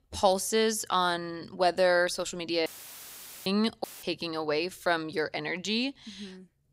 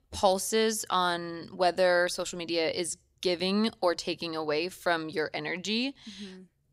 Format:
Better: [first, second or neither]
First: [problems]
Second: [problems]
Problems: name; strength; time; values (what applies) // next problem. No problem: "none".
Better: second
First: audio cutting out; filled with static; at 2.5 s for 1 s and at 4 s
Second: none